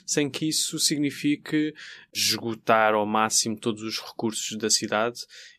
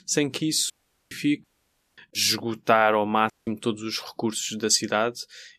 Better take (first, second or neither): first